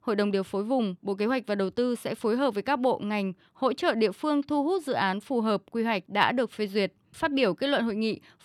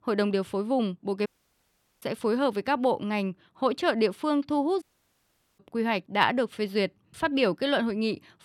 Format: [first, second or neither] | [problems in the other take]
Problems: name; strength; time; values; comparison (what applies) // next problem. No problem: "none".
first | audio cutting out; at 1.5 s for 1 s and at 5 s for 1 s